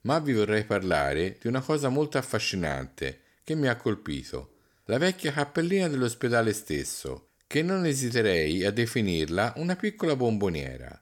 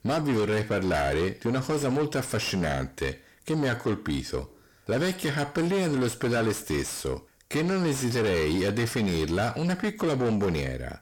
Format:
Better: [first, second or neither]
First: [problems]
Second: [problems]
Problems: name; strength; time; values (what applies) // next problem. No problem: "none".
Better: first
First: none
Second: distortion; heavy; 7 dB below the speech